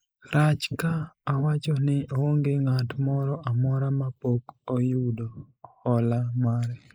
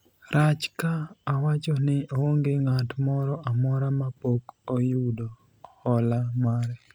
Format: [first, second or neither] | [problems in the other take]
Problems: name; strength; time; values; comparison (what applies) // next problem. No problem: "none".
second | noise reduction (neural mask model Resemble Enhance denoiser)